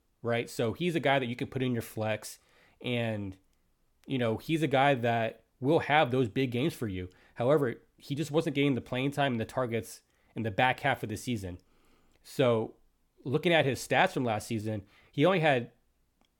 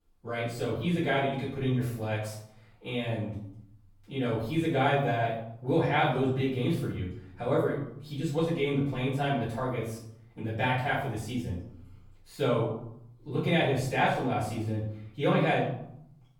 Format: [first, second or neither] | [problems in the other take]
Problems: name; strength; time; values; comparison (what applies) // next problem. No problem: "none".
first | off-mic speech; far // room echo; noticeable; dies away in 0.7 s